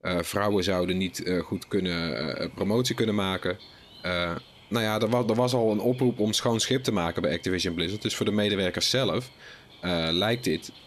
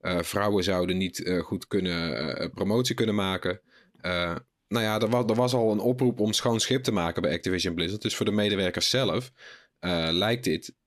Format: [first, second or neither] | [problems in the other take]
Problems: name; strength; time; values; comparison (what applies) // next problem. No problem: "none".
second | animal sounds; faint; throughout; 20 dB below the speech